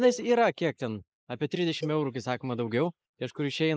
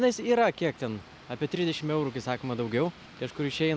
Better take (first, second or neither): second